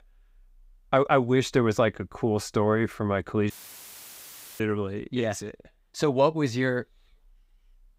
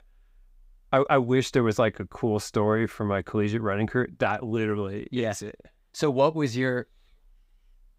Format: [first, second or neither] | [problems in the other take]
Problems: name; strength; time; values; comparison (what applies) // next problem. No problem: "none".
second | audio cutting out; filled with static; at 3.5 s for 1 s